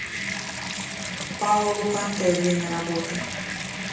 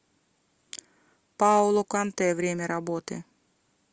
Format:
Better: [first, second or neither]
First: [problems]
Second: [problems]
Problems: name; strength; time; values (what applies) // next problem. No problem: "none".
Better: second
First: background sound (Bathtub (filling or washing) / Water tap, faucet); 4 dB below the speech // room echo; dies away in 0.7 s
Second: none